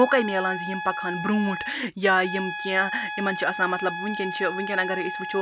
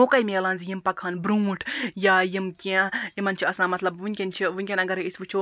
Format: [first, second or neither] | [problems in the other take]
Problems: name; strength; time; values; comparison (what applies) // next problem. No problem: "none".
second | background sound (Trumpet); 7 dB below the speech